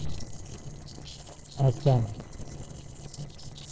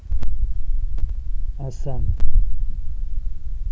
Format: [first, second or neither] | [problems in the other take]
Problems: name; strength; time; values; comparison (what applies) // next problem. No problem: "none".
second | noise reduction (neural separator model SepFormer DNS4)